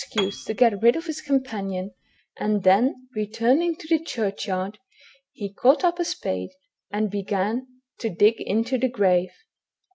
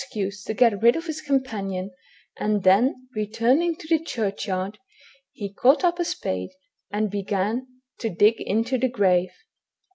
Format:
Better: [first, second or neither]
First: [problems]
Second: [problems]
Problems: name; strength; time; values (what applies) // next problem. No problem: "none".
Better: second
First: noise reduction (neural mask model RNNoise)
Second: none